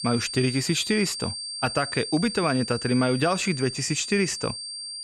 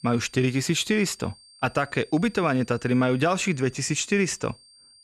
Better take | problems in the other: second | high-pitched whine; loud; throughout; 4.5 kHz, 7 dB below the speech; faint in the second

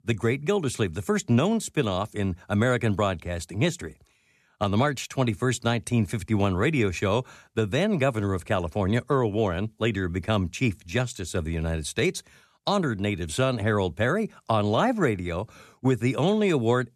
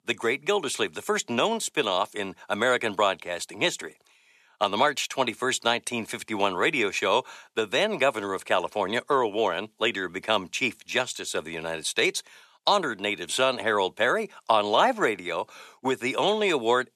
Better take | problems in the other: first | thin; somewhat; fading below 450 Hz

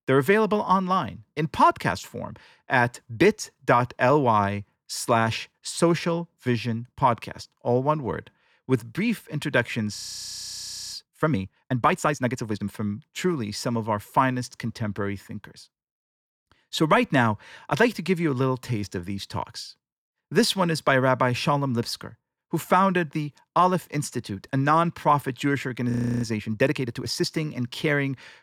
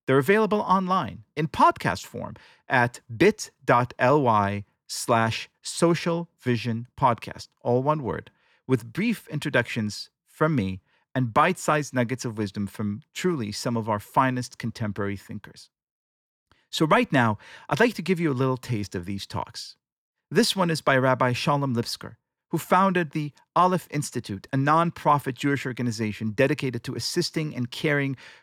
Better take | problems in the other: second | audio freezing; at 10 s for 1 s and at 26 s

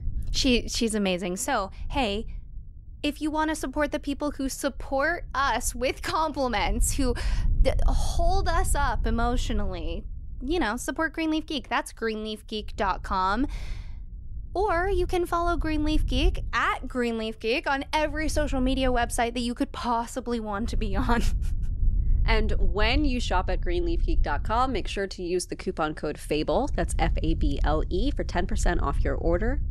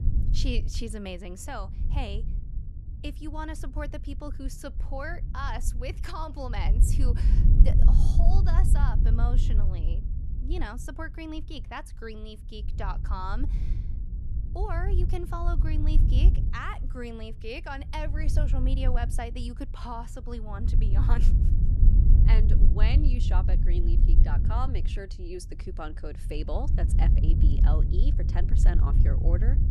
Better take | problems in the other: first | wind noise on the microphone; heavy; 6 dB below the speech; occasional gusts in the first

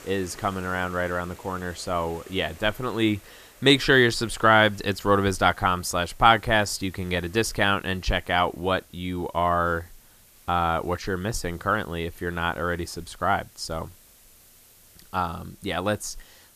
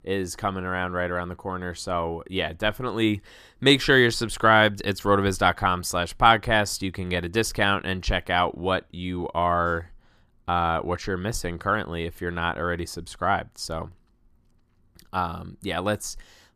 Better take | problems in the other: second | hiss; faint; throughout; 25 dB below the speech

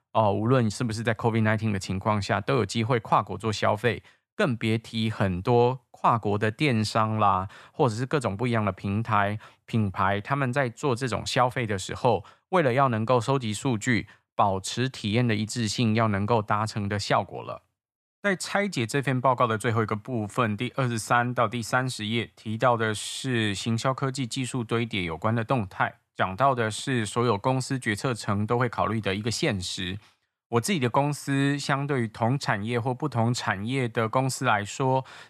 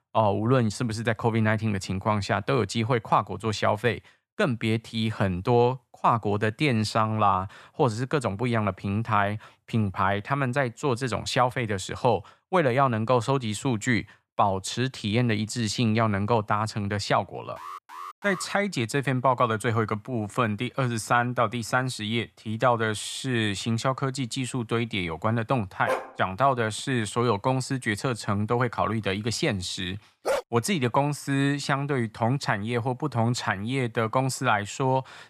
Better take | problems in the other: first | alarm; faint; at 18 s; peak 15 dB below the speech // dog barking; noticeable; at 26 s and at 30 s; peak 3 dB below the speech

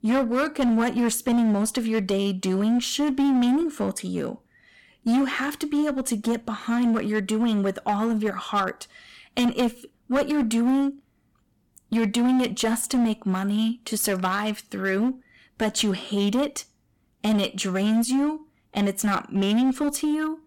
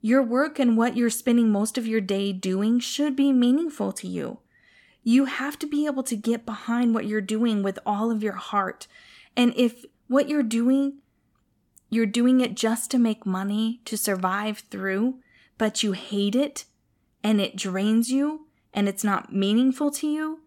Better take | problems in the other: second | distortion; slight; 13% of the sound clipped

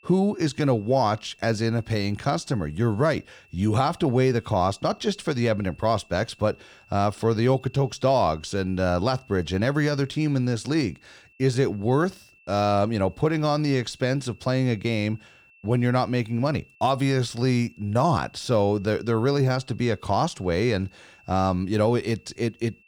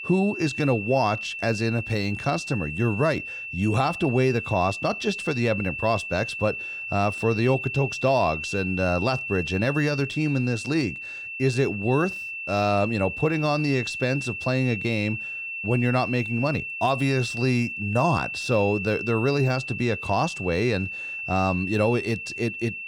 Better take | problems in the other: first | high-pitched whine; loud; throughout; 2.5 kHz, 6 dB below the speech; faint in the first

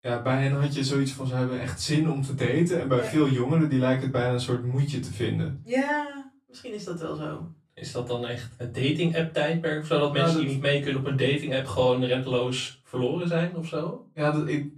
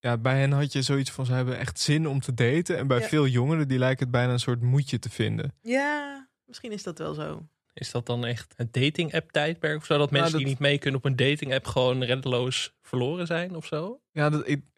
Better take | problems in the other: second | room echo; slight; dies away in 0.3 s // off-mic speech; far

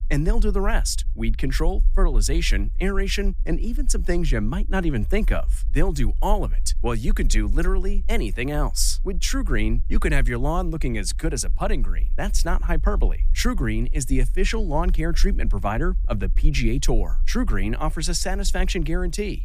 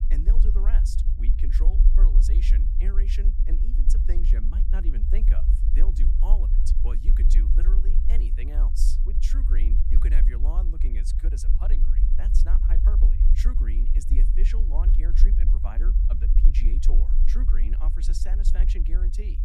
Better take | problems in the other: first | low rumble; loud; throughout; 2 dB below the speech; faint in the first

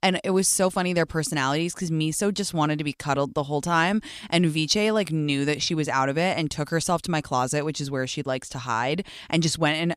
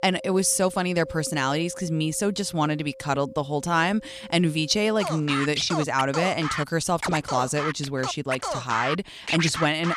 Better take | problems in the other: first | background music; loud; throughout; 7 dB below the speech

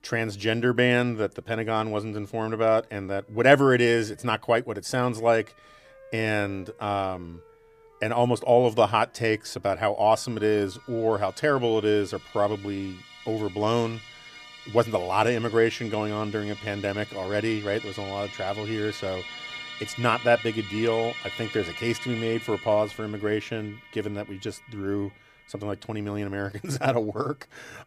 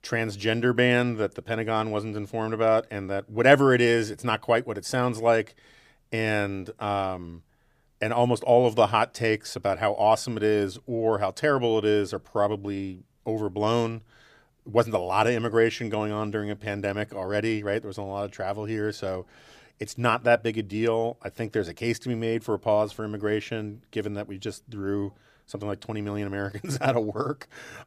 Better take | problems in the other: second | background music; noticeable; throughout; 15 dB below the speech

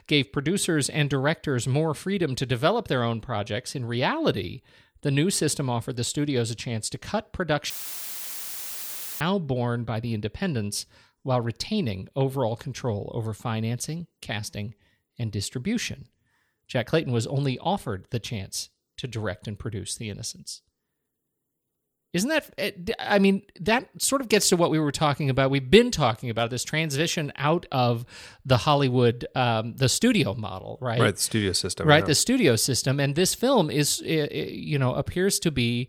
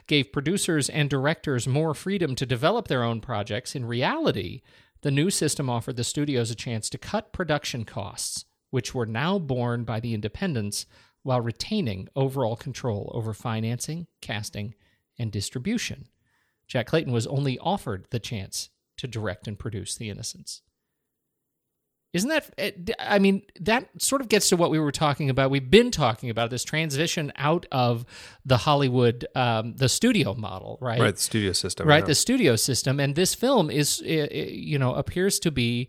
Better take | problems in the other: second | audio cutting out; filled with static; at 7.5 s for 1.5 s

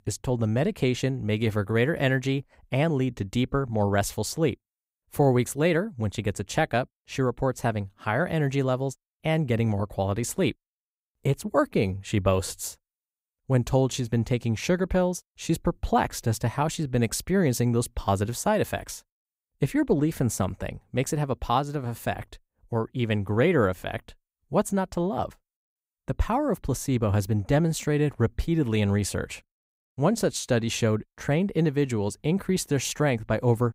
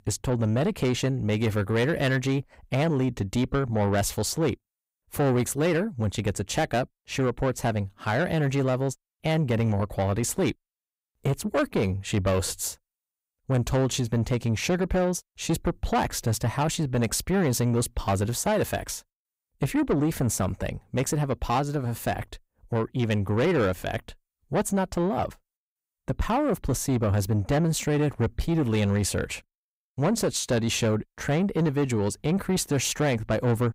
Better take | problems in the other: first | distortion; slight; 10 dB below the speech

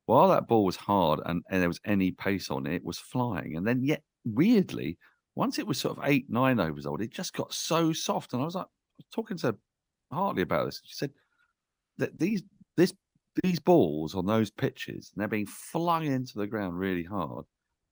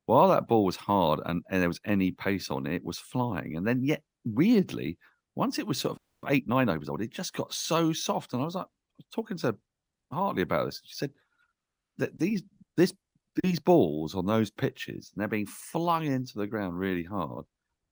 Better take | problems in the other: first | audio freezing; at 6 s

